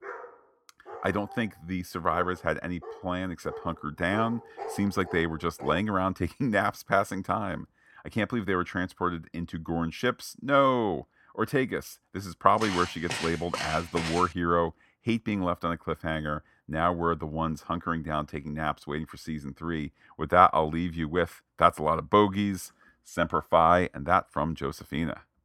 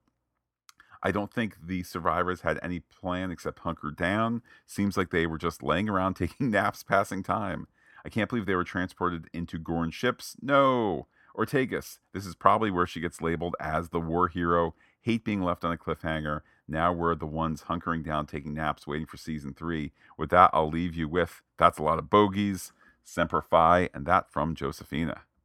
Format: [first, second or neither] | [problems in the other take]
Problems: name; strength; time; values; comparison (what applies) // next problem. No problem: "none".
second | dog barking; faint; until 6 s; peak 10 dB below the speech // footsteps; noticeable; from 13 to 14 s; peak 5 dB below the speech